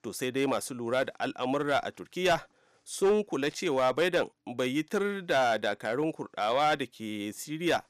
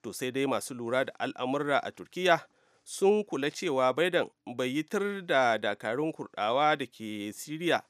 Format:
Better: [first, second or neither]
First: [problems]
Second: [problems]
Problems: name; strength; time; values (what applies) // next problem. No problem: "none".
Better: second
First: distortion; slight; 3% of the sound clipped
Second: none